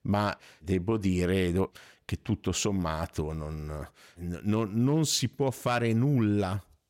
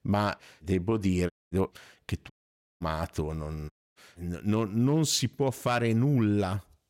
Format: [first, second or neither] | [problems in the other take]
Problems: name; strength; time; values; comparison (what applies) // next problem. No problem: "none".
first | audio cutting out; at 1.5 s, at 2.5 s for 0.5 s and at 3.5 s